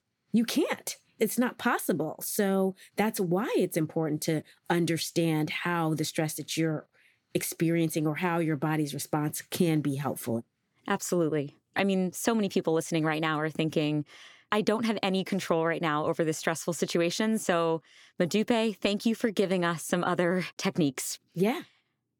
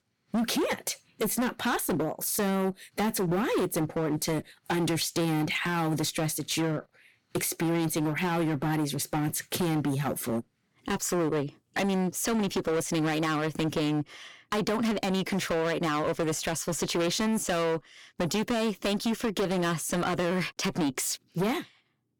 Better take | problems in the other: first | distortion; heavy; 19% of the sound clipped

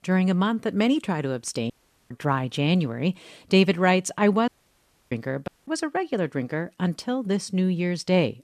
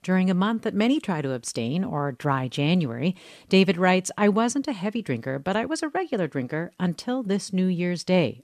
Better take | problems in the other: second | audio cutting out; at 1.5 s, at 4.5 s for 0.5 s and at 5.5 s

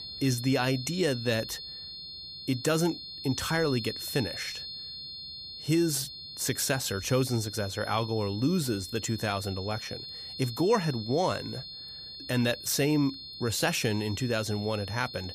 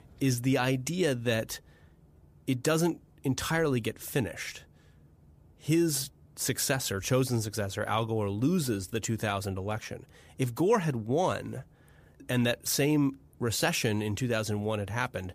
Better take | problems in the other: second | high-pitched whine; loud; throughout; 4.5 kHz, 9 dB below the speech

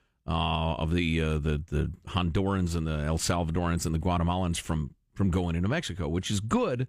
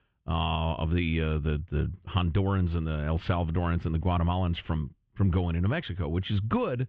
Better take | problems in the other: first | muffled; very; fading above 3 kHz

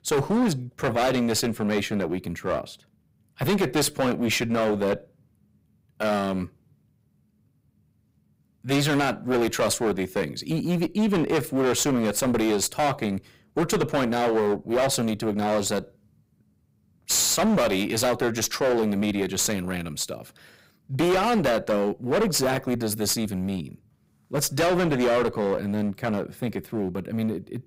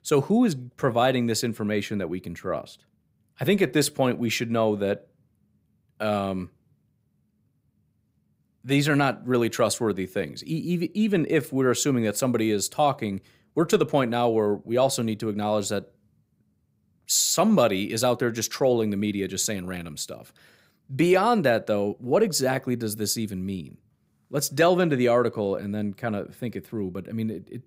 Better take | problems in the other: second | distortion; heavy; 15% of the sound clipped

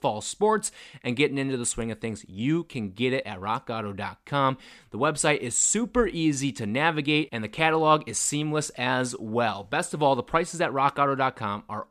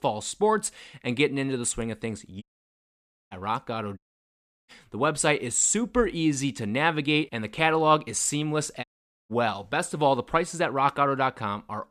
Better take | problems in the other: first | audio cutting out; at 2.5 s for 1 s, at 4 s for 0.5 s and at 9 s

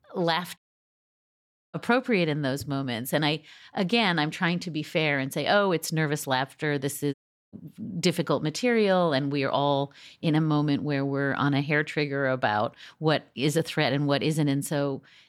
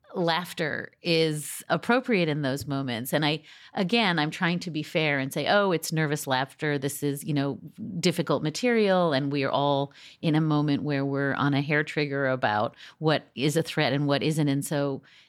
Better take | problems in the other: second | audio cutting out; at 0.5 s for 1 s and at 7 s

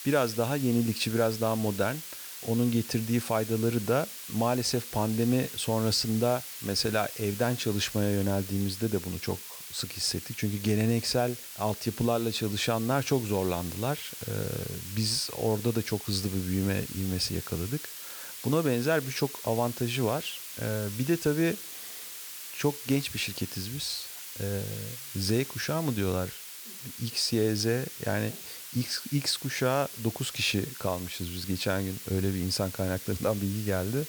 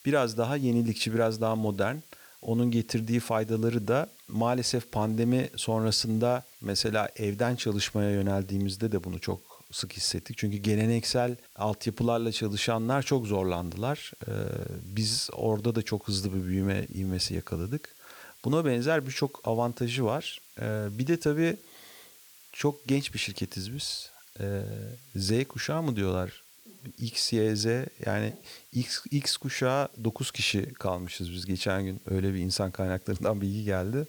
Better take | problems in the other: second | hiss; loud; throughout; 9 dB below the speech; faint in the second

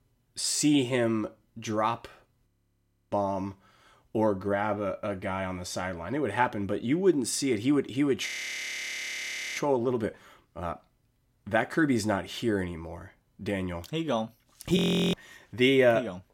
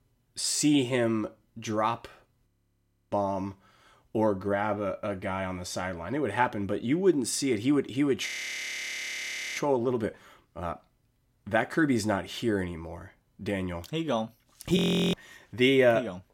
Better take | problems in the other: neither | audio freezing; at 2.5 s for 0.5 s, at 8.5 s for 1.5 s and at 15 s; the same in both

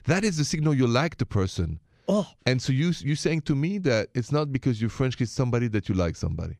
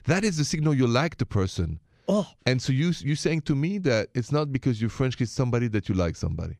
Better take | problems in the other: neither | none

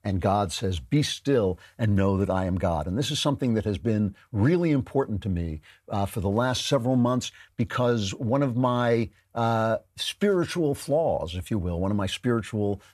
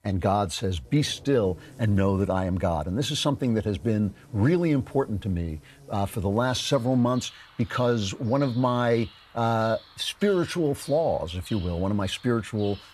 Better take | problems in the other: first | animal sounds; faint; throughout; 20 dB below the speech

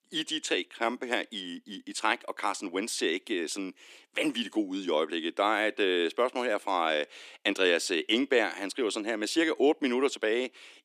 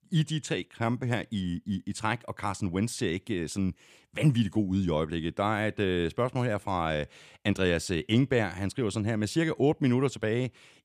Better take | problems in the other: second | thin; somewhat; fading below 300 Hz

